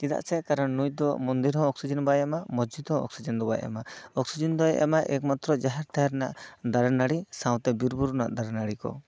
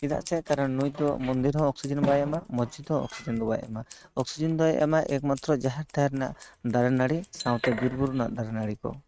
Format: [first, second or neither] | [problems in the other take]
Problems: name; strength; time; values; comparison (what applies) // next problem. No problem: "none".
first | noise reduction (neural mask model RNNoise)